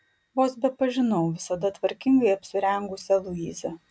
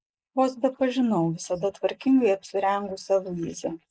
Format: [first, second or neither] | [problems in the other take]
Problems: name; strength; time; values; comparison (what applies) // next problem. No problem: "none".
first | noise reduction (neural mask model Resemble Enhance denoiser)